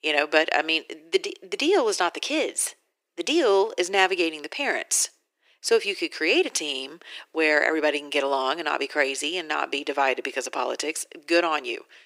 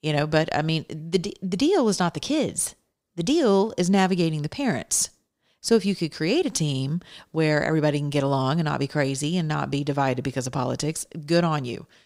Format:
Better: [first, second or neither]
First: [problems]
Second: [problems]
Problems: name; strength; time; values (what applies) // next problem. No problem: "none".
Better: second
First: thin; very; fading below 350 Hz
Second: none